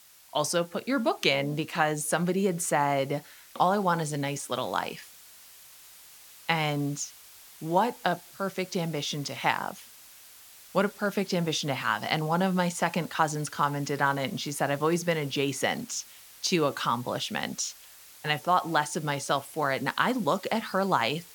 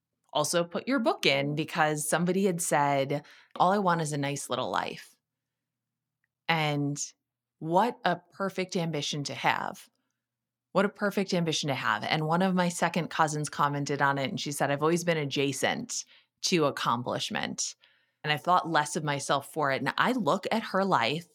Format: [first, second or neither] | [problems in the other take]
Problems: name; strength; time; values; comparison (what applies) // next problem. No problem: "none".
second | hiss; faint; throughout; 20 dB below the speech